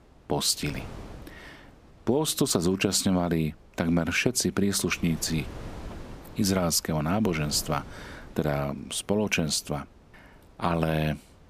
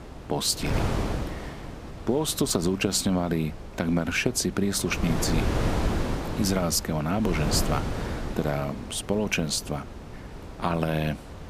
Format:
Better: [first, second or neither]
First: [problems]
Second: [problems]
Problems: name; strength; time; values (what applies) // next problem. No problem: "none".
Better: first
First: wind noise on the microphone; occasional gusts; 20 dB below the speech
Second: wind noise on the microphone; heavy; 8 dB below the speech